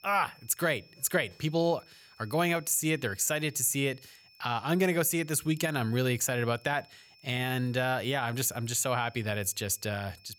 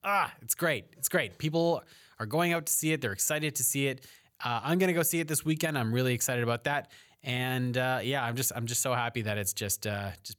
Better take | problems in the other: second | high-pitched whine; faint; throughout; 5.5 kHz, 25 dB below the speech

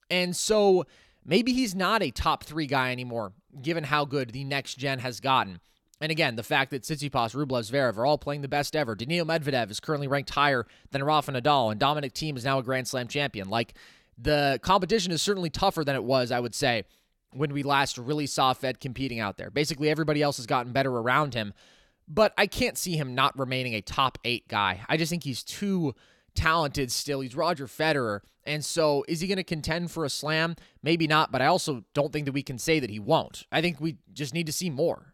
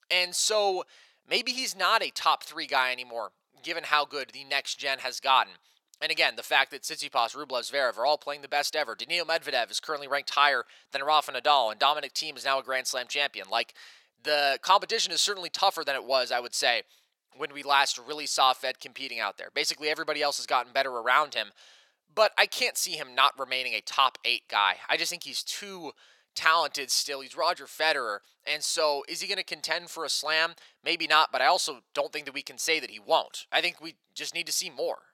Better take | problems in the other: first | thin; very; fading below 750 Hz

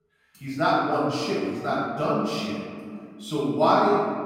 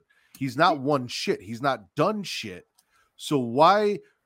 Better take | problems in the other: second | room echo; strong; dies away in 2.2 s // off-mic speech; far

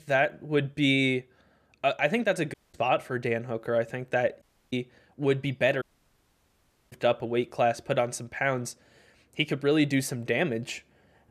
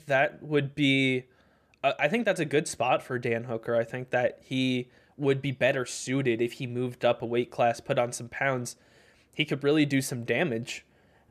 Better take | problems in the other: second | audio cutting out; at 2.5 s, at 4.5 s and at 6 s for 1 s

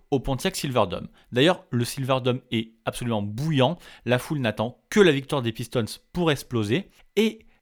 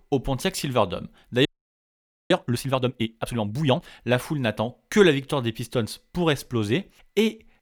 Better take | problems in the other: first | audio freezing; at 1.5 s for 1 s

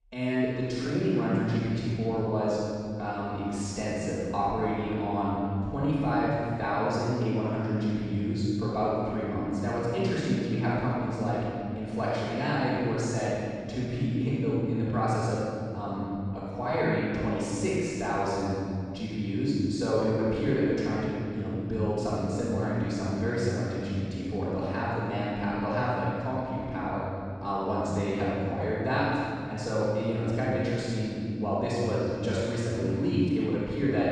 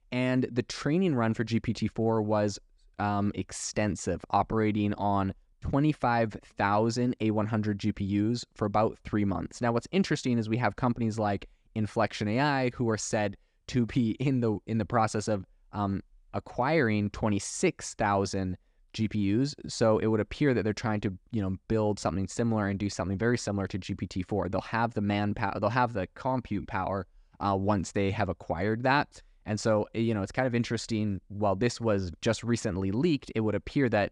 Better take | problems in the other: second | off-mic speech; far // room echo; strong; dies away in 2.2 s

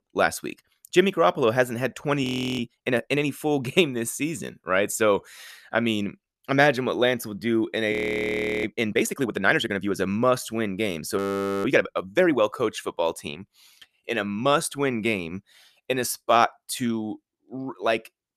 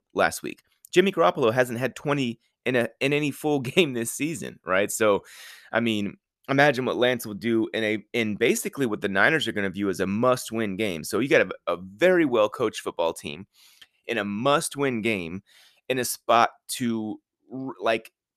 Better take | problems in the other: second | audio freezing; at 2 s, at 8 s for 0.5 s and at 11 s

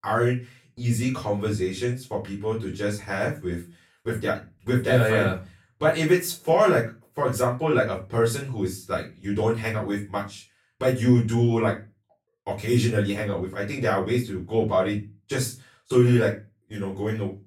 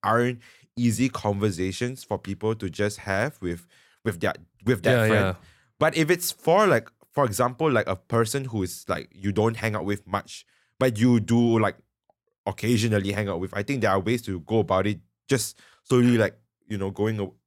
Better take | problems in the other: second | room echo; slight; dies away in 0.2 s // off-mic speech; far

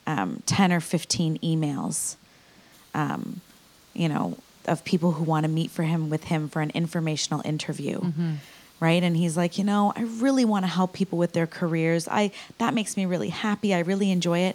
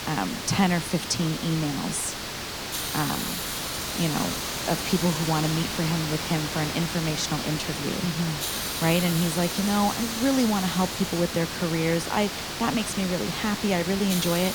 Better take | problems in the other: first | hiss; loud; throughout; 3 dB below the speech; faint in the first

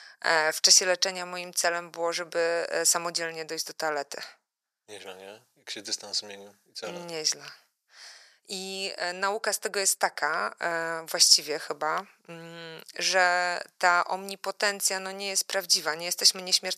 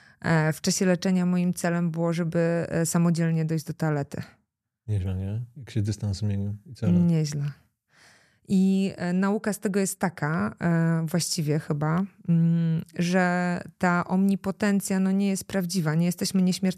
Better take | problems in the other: second | thin; very; fading below 550 Hz

